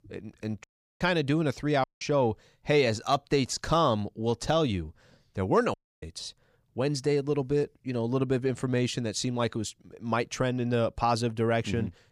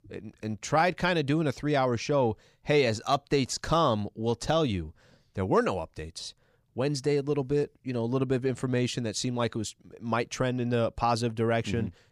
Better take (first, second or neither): second